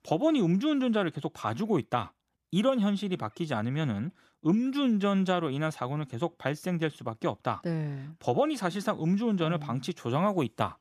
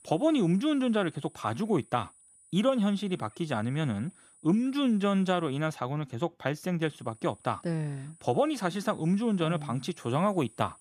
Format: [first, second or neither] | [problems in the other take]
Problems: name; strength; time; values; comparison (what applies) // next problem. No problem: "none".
first | high-pitched whine; faint; until 5.5 s and from 7 s on; 9.5 kHz, 25 dB below the speech